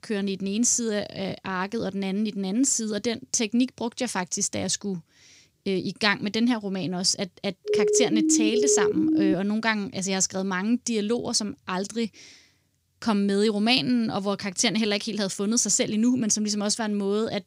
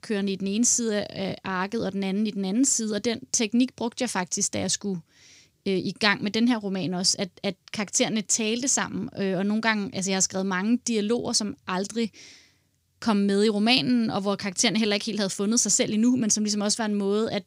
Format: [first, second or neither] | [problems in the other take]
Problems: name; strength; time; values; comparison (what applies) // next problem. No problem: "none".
second | siren; loud; from 7.5 to 9.5 s; peak 2 dB above the speech